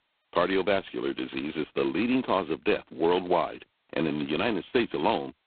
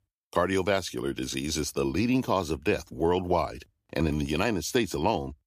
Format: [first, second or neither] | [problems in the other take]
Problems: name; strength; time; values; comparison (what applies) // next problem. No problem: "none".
second | phone-call audio; poor line; nothing above 4 kHz